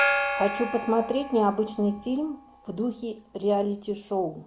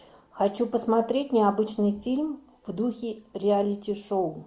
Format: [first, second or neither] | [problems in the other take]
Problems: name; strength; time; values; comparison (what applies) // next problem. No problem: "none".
second | background sound (Gong); 5 dB below the speech